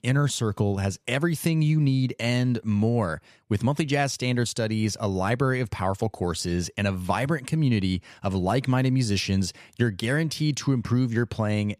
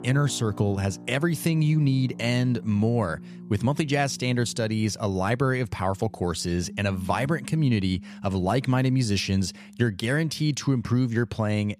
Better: first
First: none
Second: background music; noticeable; throughout; 20 dB below the speech

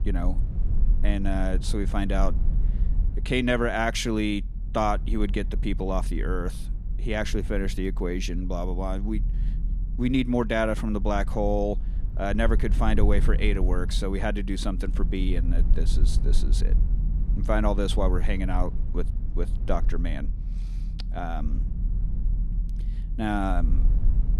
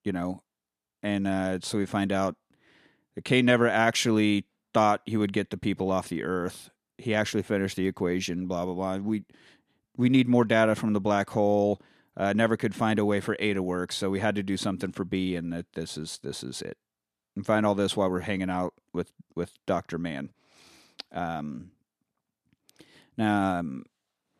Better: second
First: low rumble; noticeable; throughout; 15 dB below the speech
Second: none

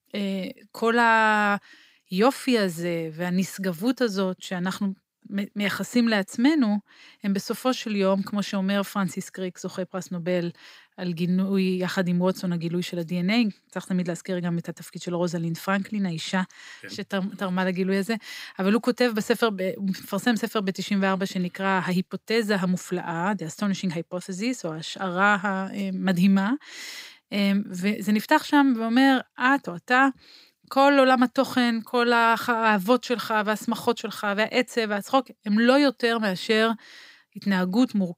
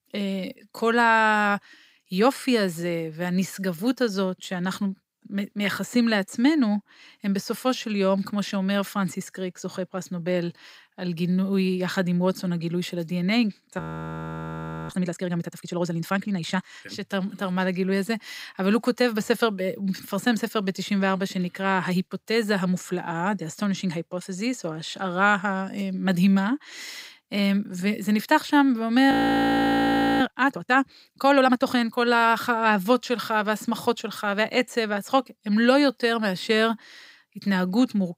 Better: first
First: none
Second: audio freezing; at 14 s for 1 s and at 29 s for 1 s

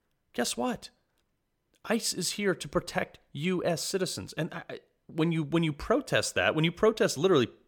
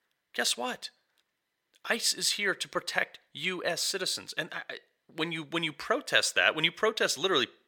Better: first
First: none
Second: thin; somewhat; fading below 850 Hz

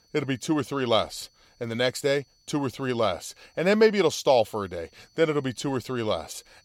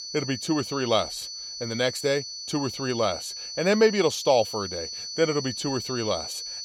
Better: first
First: high-pitched whine; faint; throughout; 4.5 kHz, 35 dB below the speech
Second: high-pitched whine; loud; throughout; 4.5 kHz, 7 dB below the speech

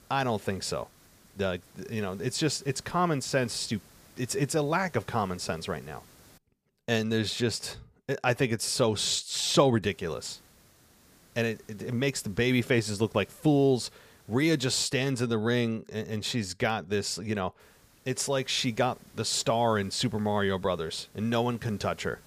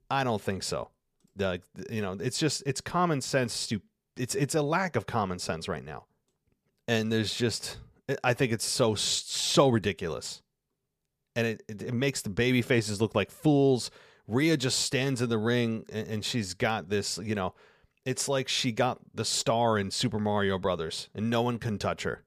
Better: second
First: hiss; faint; until 6.5 s, from 10 to 15 s and from 18 s on; 25 dB below the speech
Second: none

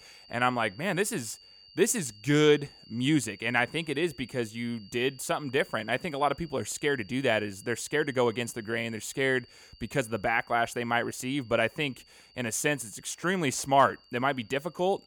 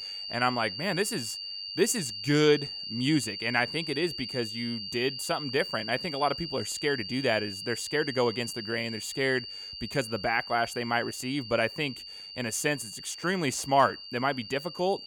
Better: first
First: high-pitched whine; faint; throughout; 4.5 kHz, 25 dB below the speech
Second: high-pitched whine; loud; throughout; 4.5 kHz, 8 dB below the speech

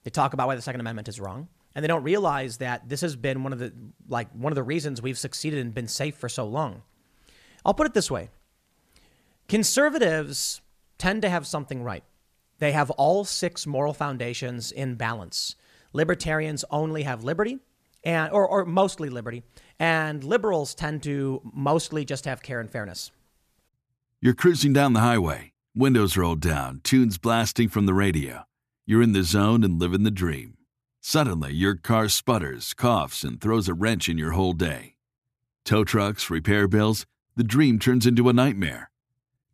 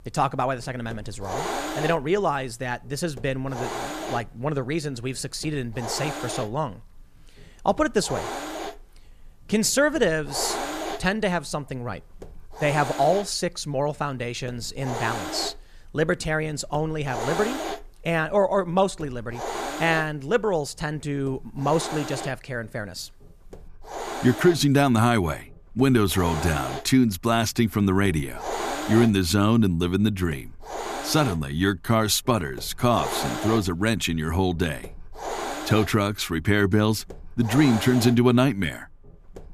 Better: first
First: none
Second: hiss; loud; throughout; 9 dB below the speech

